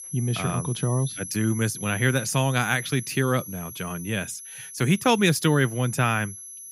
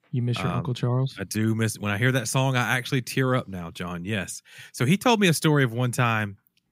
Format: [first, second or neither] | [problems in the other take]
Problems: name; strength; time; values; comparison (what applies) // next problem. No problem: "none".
second | high-pitched whine; noticeable; throughout; 11 kHz, 10 dB below the speech